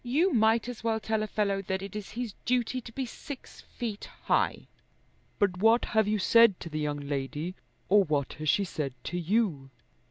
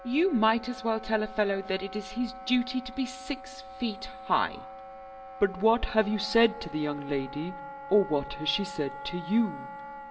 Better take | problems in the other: first | background sound (Wind instrument, woodwind instrument); 14 dB below the speech // room echo; dies away in 0.4 s

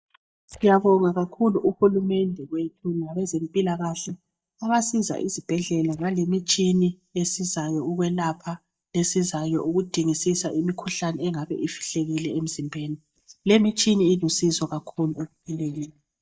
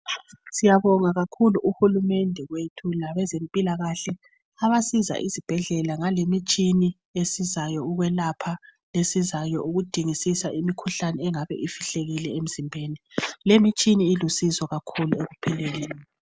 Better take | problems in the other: second | noise reduction (neural mask model DeepFilterNet 3)

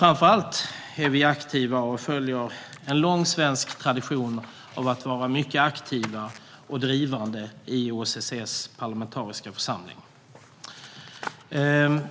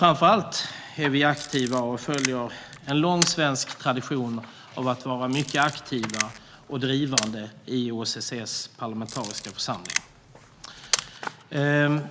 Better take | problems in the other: first | background sound (Camera); 7 dB below the speech

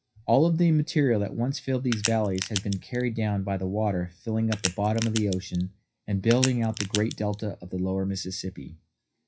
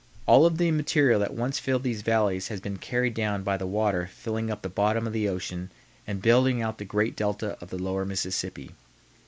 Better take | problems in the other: second | noise reduction (classical method WPE with log-MMSE)

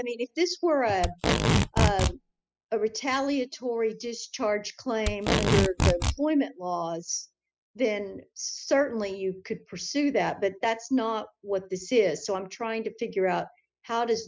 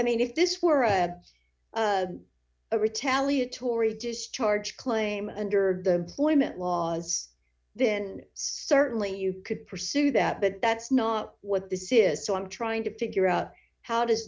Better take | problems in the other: second | noise reduction (classical method spectral subtraction)

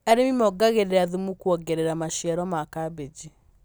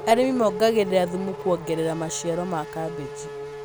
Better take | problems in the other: first | background sound (Race car, auto racing / Accelerating, revving, vroom); 10 dB below the speech

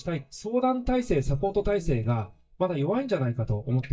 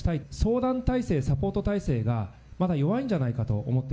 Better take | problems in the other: second | noise reduction (neural mask model DeepFilterNet 3)

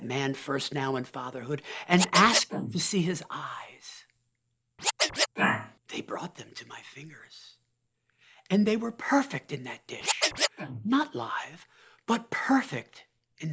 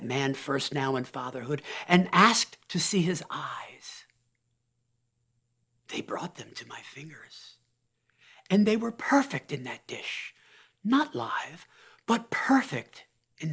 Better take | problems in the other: second | noise reduction (neural mask model Resemble Enhance denoiser)

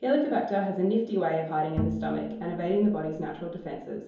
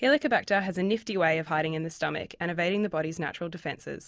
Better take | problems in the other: second | background sound (Bowed string instrument); 7 dB below the speech // room echo; dies away in 2.8 s

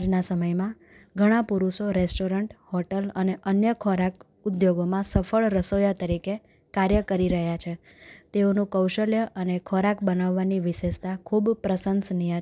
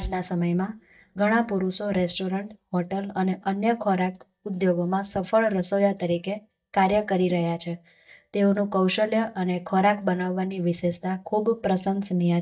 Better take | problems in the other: first | noise reduction (neural mask model DeepFilterNet 3)

